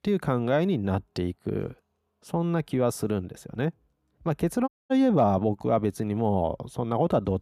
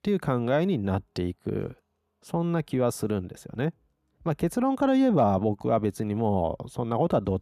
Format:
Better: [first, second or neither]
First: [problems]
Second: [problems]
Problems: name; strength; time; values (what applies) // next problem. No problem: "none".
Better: second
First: audio cutting out; at 4.5 s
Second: none